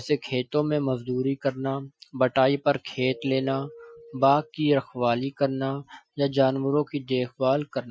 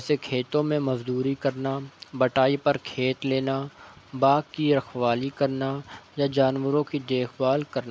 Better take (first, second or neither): second